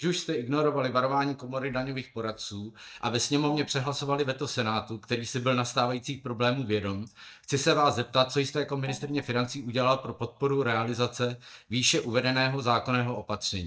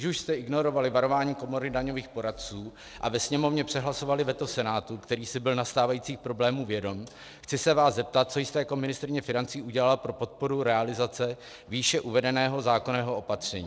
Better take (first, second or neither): second